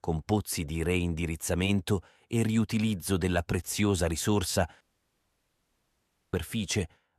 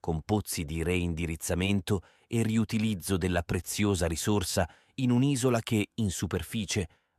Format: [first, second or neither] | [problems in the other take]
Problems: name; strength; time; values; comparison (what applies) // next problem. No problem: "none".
second | audio cutting out; at 5 s for 1.5 s